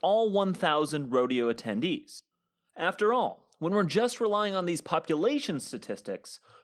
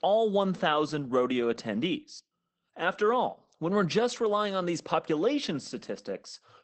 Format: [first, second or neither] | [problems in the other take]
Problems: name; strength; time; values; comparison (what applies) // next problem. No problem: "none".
first | garbled, watery; badly; nothing above 8 kHz; slightly in the first